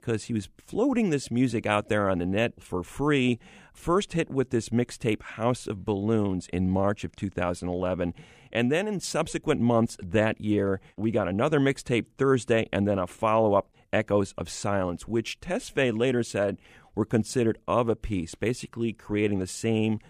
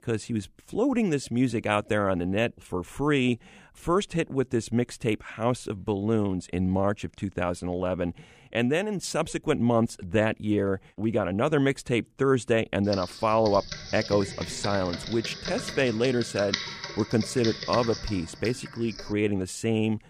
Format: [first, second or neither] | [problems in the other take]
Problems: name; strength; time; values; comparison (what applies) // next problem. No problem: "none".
first | keyboard typing; noticeable; from 13 to 19 s; peak 3 dB below the speech